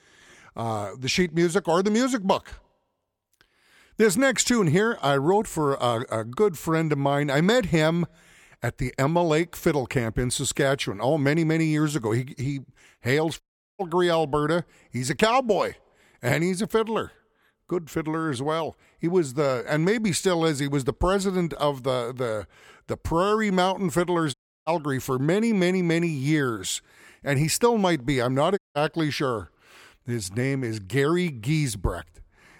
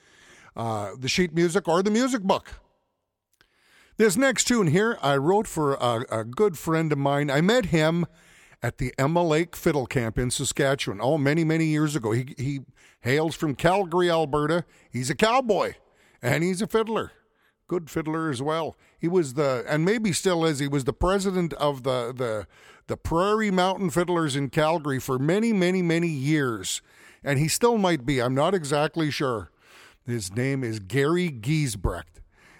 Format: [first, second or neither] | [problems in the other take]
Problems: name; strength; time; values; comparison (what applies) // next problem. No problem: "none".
second | audio cutting out; at 13 s, at 24 s and at 29 s